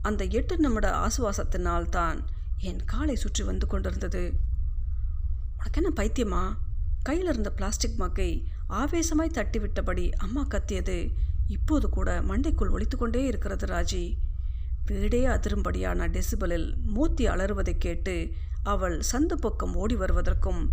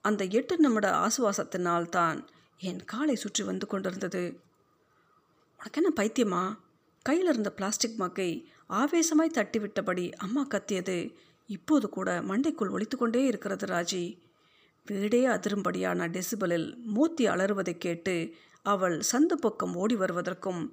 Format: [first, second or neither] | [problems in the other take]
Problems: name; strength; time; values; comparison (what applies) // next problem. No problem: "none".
second | low rumble; faint; throughout; 20 dB below the speech